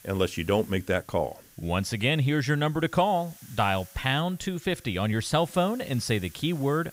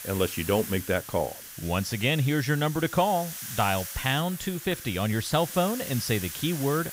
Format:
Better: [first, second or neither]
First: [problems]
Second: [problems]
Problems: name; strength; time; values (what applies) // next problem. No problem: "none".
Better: first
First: hiss; faint; throughout; 25 dB below the speech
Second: hiss; loud; throughout; 9 dB below the speech